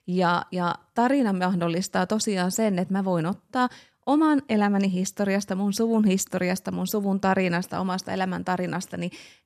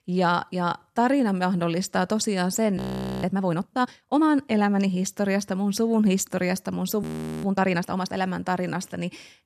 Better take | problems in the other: first | audio freezing; at 3 s and at 7 s

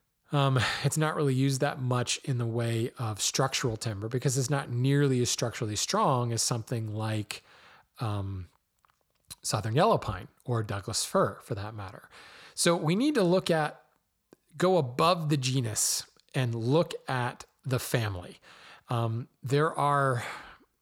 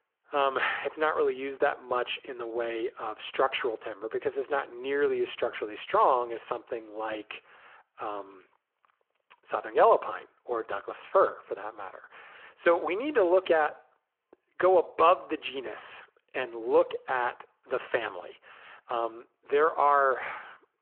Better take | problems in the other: first | phone-call audio

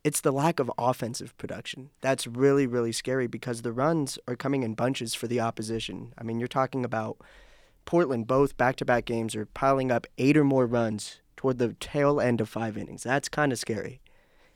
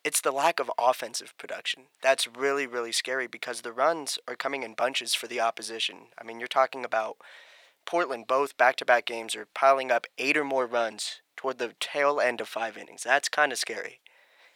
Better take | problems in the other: first | thin; very; fading below 650 Hz

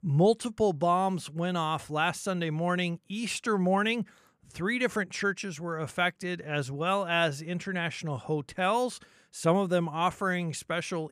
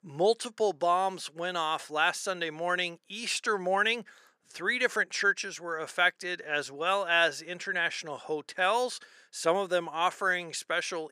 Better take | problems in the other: first | thin; very; fading below 450 Hz

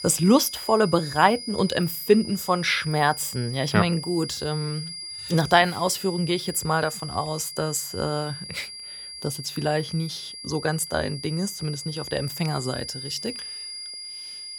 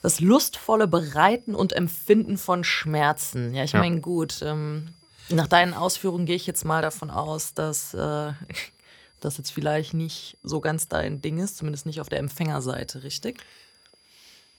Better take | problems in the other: second | high-pitched whine; loud; throughout; 5 kHz, 10 dB below the speech; faint in the second

